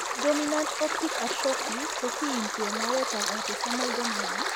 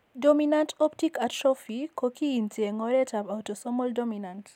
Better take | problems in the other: second | background sound (Stream); 1 dB above the speech

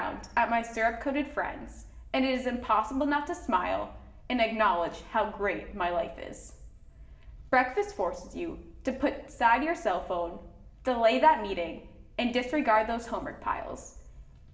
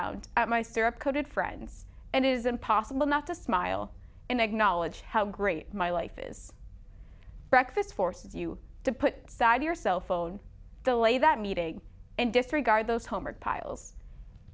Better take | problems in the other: second | room echo; dies away in 0.7 s

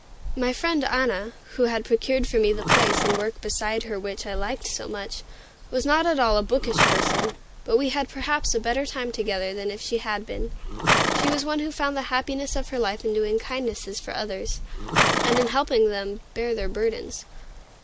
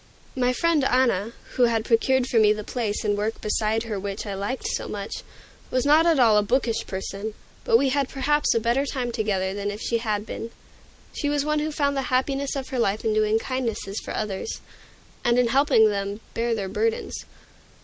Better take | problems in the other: second | background sound (Livestock, farm animals, working animals); 3 dB below the speech

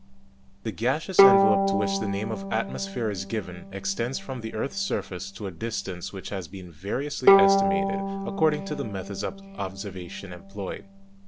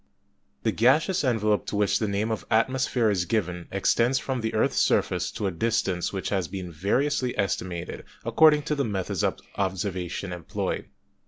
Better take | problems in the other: second | background sound (Bowed string instrument); 3 dB above the speech

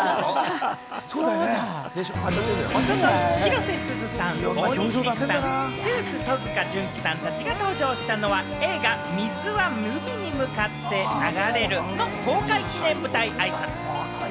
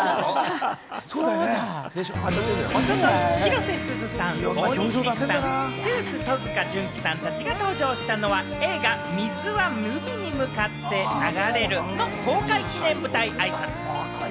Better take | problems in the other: second | background sound (Drill); 18 dB below the speech

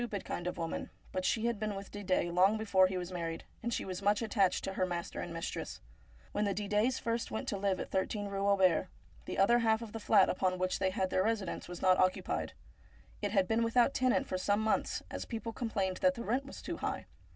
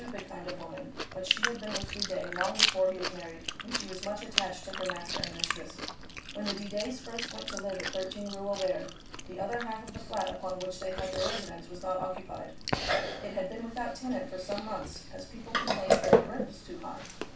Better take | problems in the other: first | background sound (Chewing, mastication); 1 dB above the speech // room echo; dies away in 0.4 s

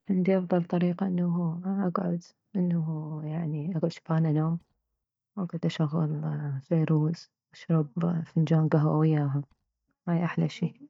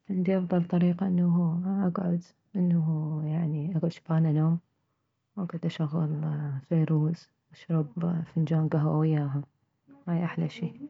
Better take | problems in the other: second | noise reduction (neural mask model DeepFilterNet 3)

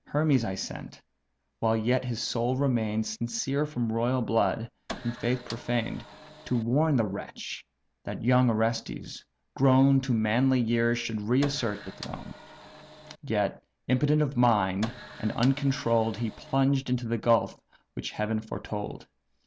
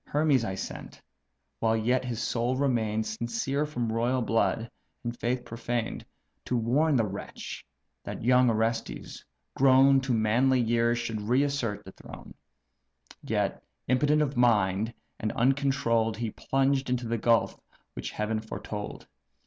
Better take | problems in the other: second | background sound (Printer); 15 dB below the speech

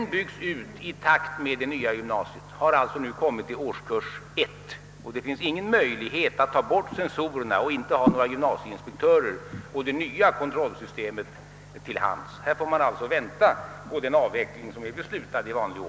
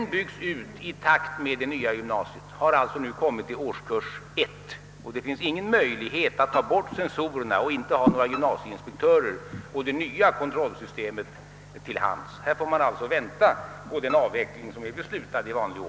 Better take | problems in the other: first | background sound (Bowed string instrument); 14 dB below the speech

